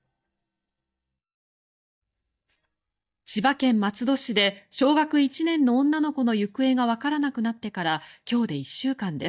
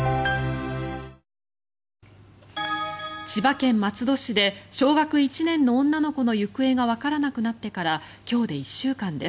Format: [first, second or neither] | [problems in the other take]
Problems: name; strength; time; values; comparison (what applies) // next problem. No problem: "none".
second | noise reduction (neural mask model DeepFilterNet 3)